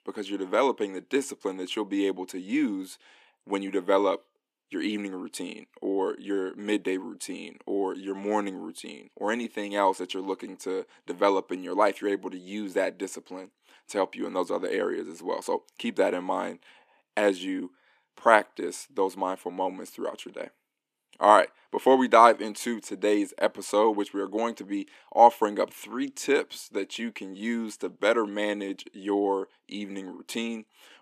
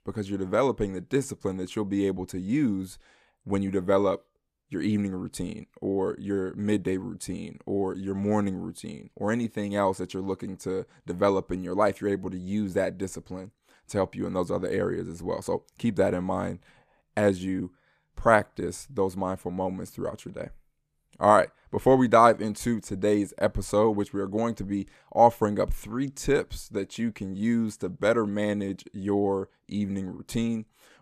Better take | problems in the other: second | thin; very slightly; fading below 300 Hz

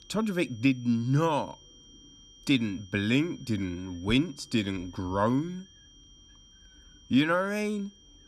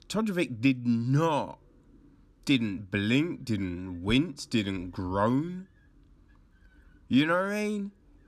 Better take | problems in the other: second | high-pitched whine; faint; throughout; 3 kHz, 25 dB below the speech

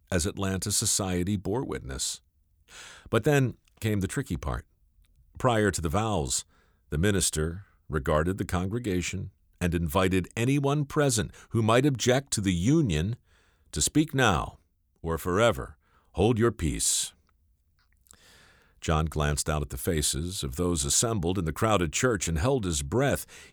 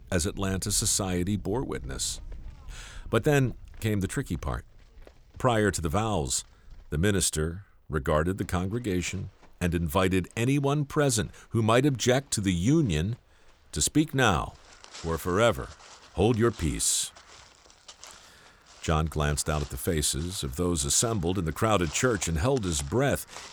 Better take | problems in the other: first | animal sounds; faint; throughout; 20 dB below the speech

